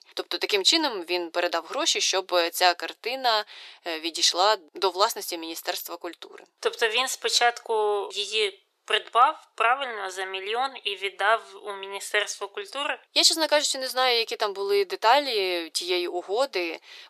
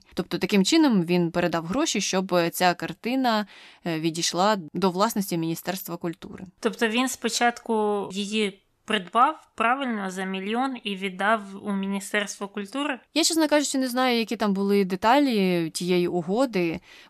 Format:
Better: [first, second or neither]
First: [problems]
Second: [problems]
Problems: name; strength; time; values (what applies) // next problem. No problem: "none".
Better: second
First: thin; very; fading below 400 Hz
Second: none